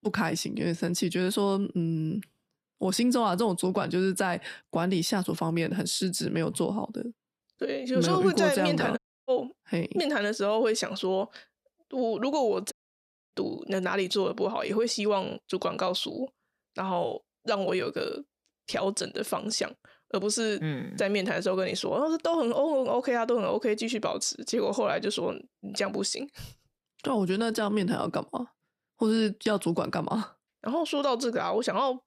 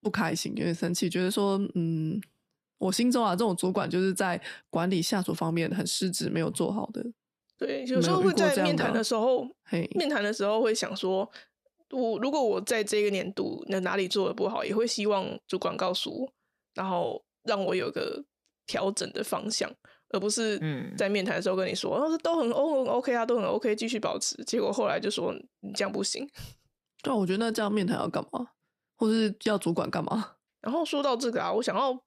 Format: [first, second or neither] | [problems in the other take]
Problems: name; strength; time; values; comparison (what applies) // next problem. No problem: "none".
second | audio cutting out; at 9 s and at 13 s for 0.5 s